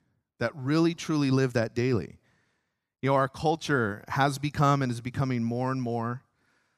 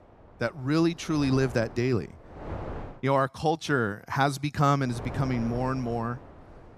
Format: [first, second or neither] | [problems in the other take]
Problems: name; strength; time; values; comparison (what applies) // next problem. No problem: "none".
first | wind noise on the microphone; occasional gusts; until 3 s and from 5 s on; 15 dB below the speech